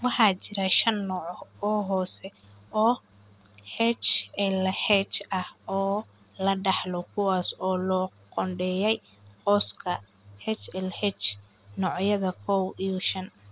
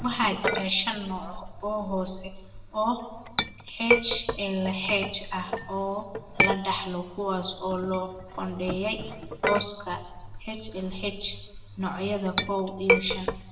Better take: first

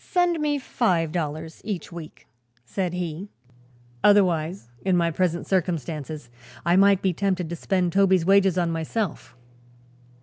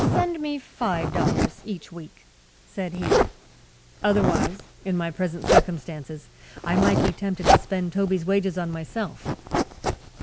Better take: first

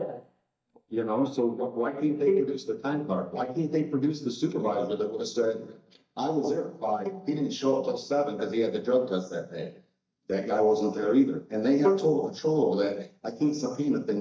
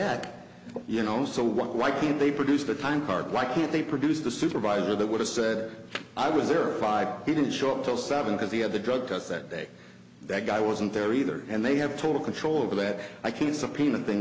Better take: second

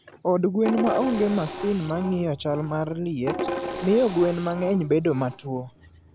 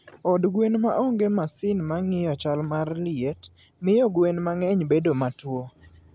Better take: second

